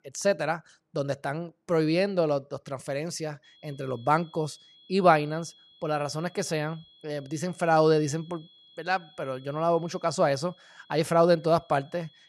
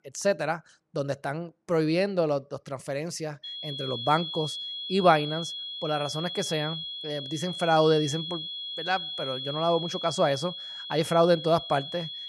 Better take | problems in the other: first | high-pitched whine; loud; from 3.5 s on; 3.5 kHz, 6 dB below the speech; faint in the first

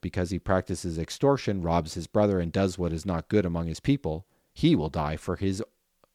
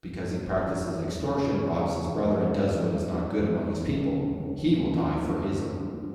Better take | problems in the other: first | room echo; noticeable; dies away in 2.7 s // off-mic speech; far

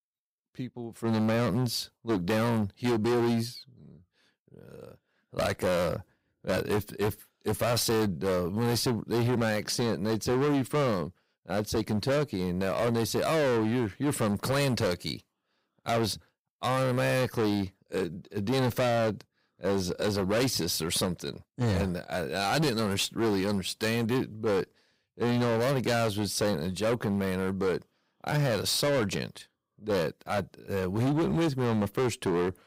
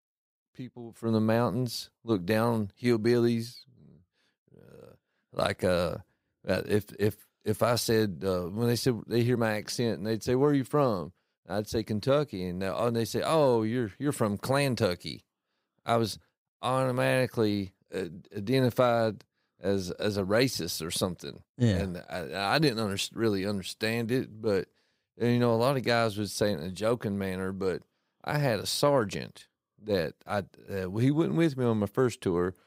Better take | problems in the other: second | distortion; heavy; 18% of the sound clipped

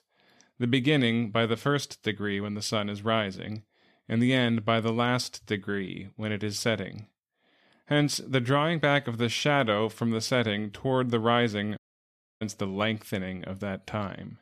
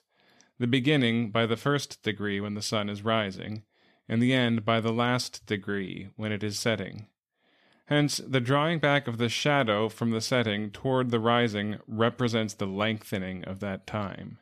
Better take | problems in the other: second | audio cutting out; at 12 s for 0.5 s

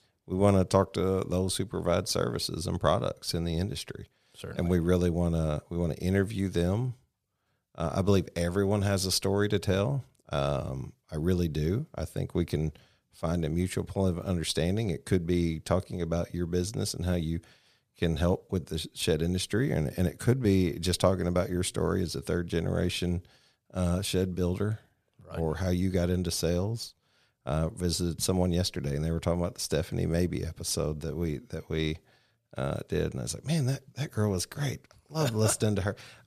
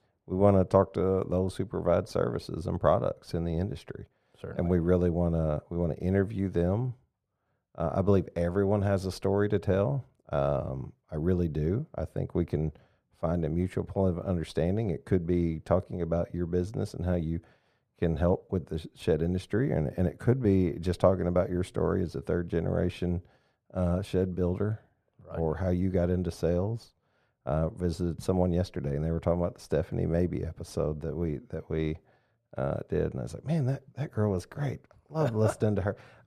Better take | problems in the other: first | muffled; very; fading above 2.5 kHz

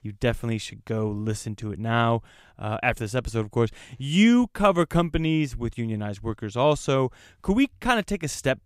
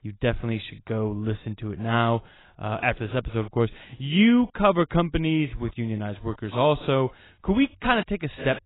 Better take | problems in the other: first | garbled, watery; badly; nothing above 4 kHz

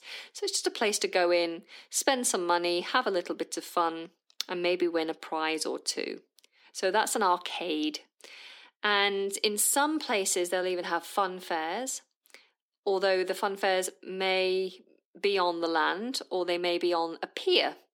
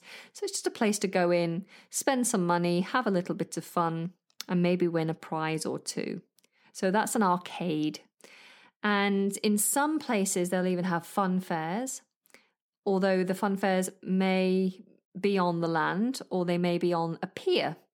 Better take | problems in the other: second | thin; somewhat; fading below 300 Hz

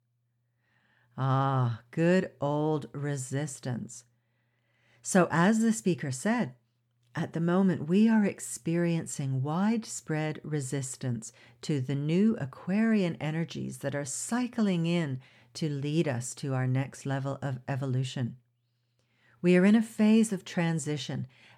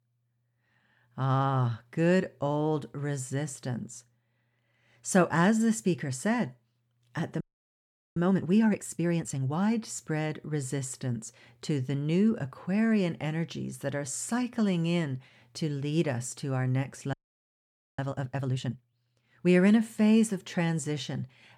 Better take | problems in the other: first | audio freezing; at 7.5 s for 1 s and at 17 s for 1 s

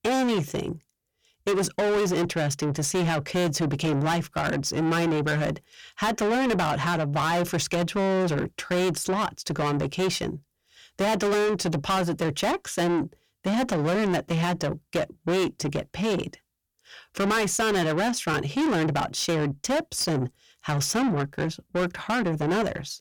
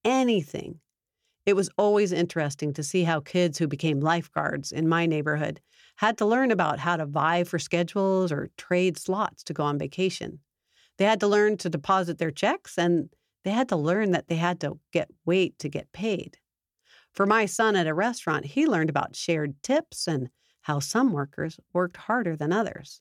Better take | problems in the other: second | distortion; heavy; 6 dB below the speech

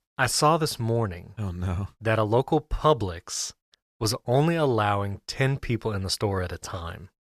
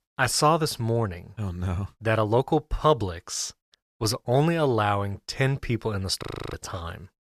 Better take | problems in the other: first | audio freezing; at 6 s

